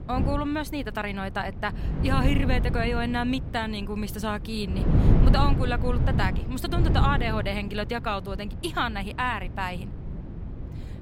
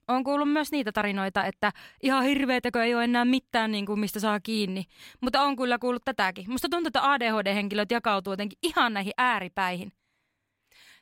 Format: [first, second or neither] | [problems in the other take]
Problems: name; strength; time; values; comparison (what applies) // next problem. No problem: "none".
second | wind noise on the microphone; heavy; 9 dB below the speech